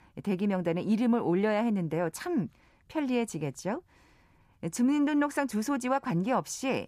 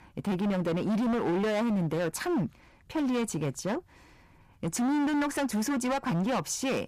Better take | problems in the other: first | distortion; heavy; 25% of the sound clipped

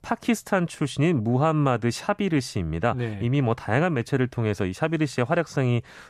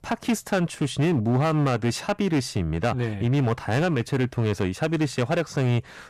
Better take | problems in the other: first | distortion; slight; 10% of the sound clipped

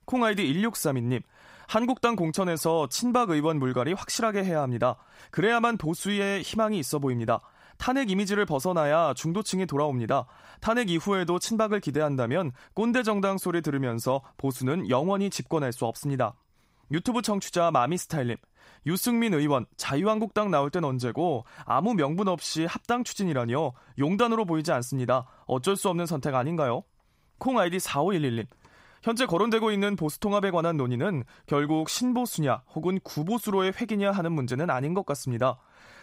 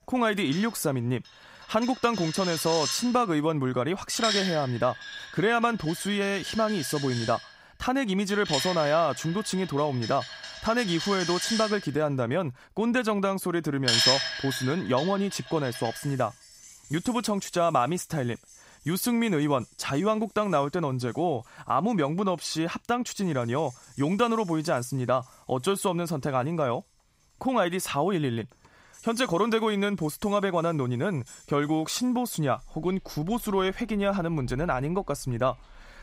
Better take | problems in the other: first | household noises; loud; throughout; 5 dB below the speech

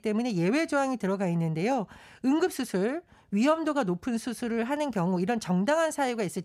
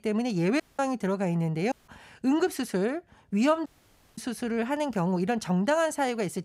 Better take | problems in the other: first | audio cutting out; at 0.5 s, at 1.5 s and at 3.5 s for 0.5 s

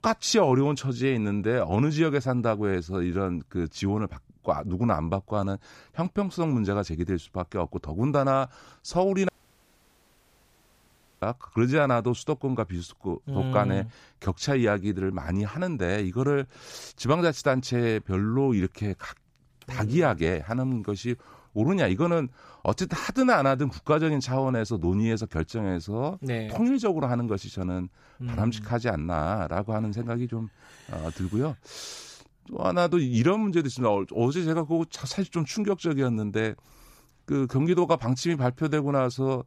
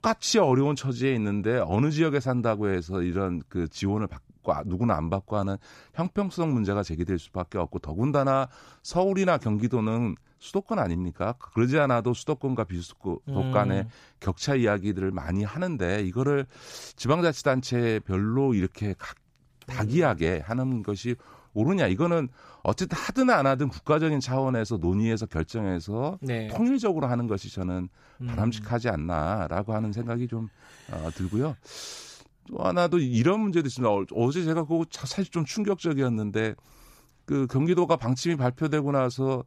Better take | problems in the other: second | audio cutting out; at 9.5 s for 2 s

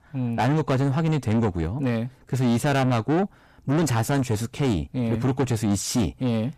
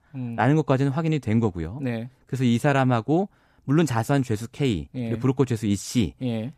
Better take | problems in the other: second | distortion; heavy; 7 dB below the speech

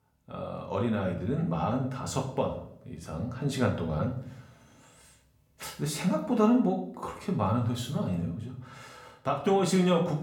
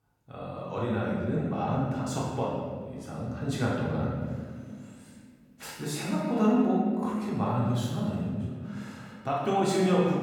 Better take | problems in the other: first | room echo; strong; dies away in 1.6 s; slight in the first // off-mic speech; far; somewhat distant in the first

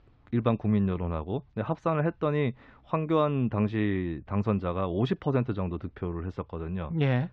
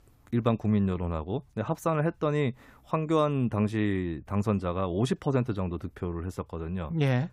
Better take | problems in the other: second | muffled; slightly; fading above 4 kHz

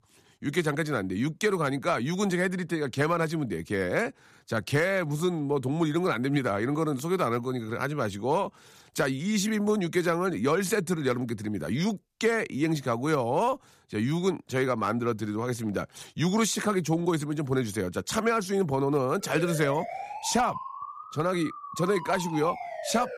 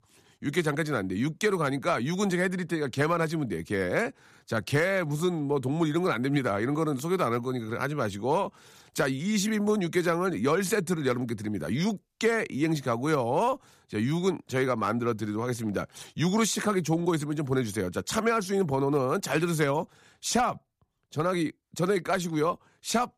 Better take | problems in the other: second | siren; noticeable; from 19 s on; peak 8 dB below the speech

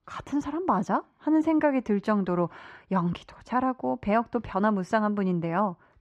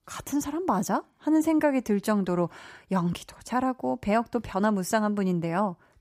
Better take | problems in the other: second | muffled; slightly; fading above 3 kHz

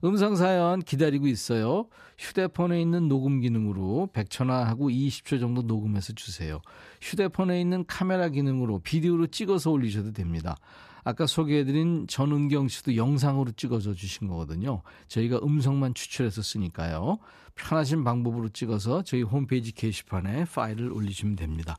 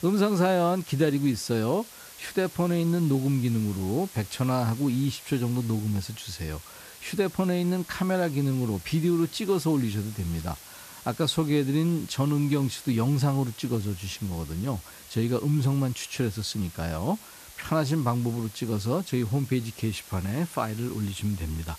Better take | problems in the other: first | hiss; noticeable; throughout; 15 dB below the speech

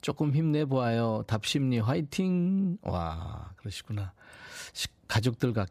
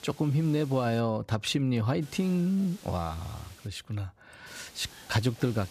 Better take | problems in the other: first | hiss; faint; until 1 s, from 2 to 3.5 s and from 4.5 s on; 20 dB below the speech

